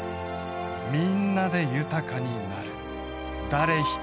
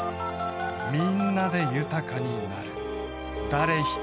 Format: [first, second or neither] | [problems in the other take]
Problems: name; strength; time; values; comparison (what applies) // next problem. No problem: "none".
first | background sound (Telephone); 8 dB below the speech